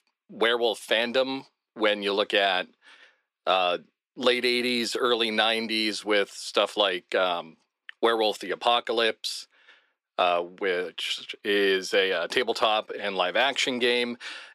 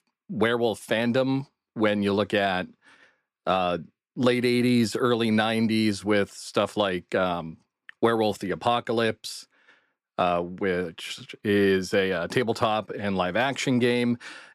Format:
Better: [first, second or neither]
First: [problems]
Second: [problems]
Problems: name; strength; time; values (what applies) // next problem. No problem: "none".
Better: second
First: thin; somewhat; fading below 450 Hz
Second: none